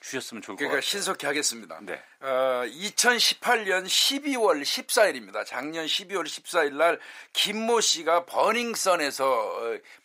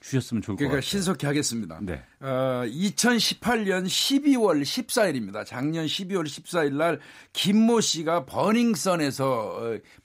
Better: second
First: thin; somewhat; fading below 600 Hz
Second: none

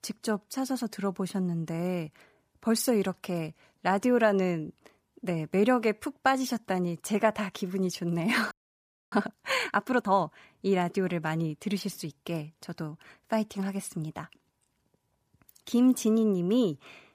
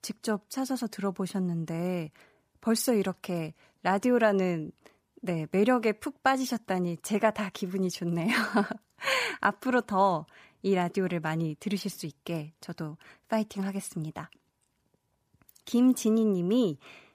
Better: second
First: audio freezing; at 8.5 s for 0.5 s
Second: none

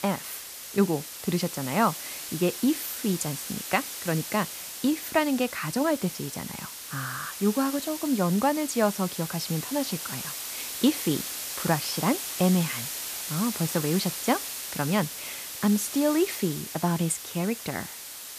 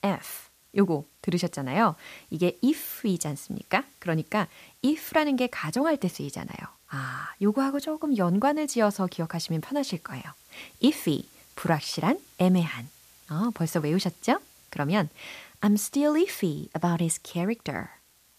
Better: second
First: hiss; loud; throughout; 6 dB below the speech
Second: hiss; faint; throughout; 25 dB below the speech

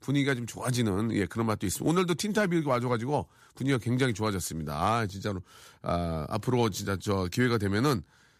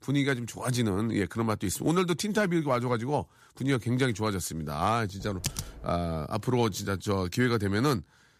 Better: first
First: none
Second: keyboard typing; noticeable; at 5 s; peak 6 dB below the speech

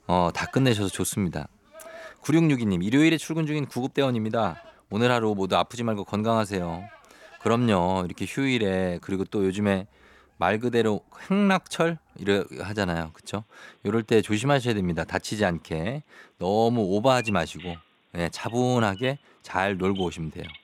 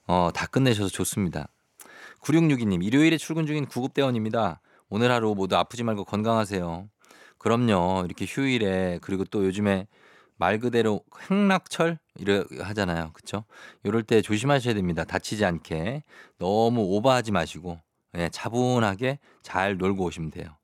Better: second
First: animal sounds; noticeable; throughout; 20 dB below the speech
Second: none

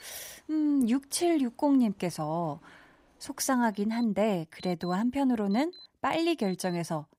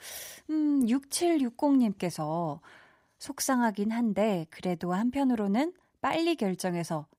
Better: second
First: alarms or sirens; faint; throughout; 25 dB below the speech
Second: none

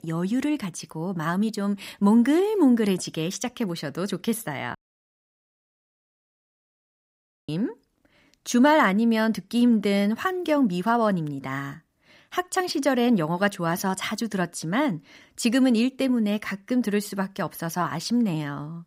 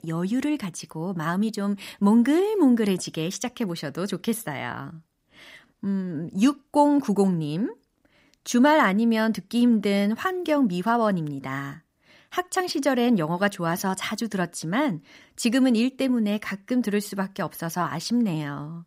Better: second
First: audio cutting out; at 5 s for 2.5 s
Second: none

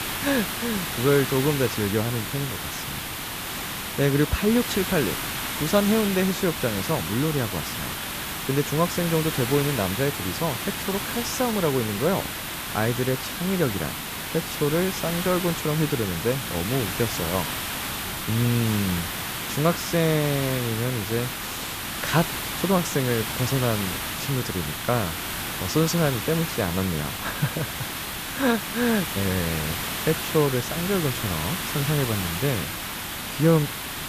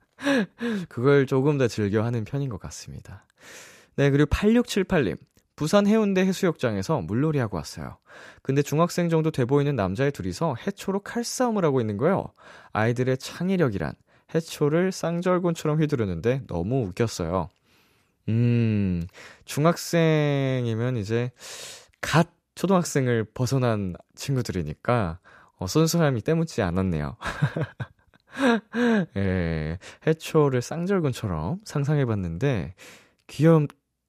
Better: second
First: hiss; loud; throughout; 3 dB below the speech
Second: none

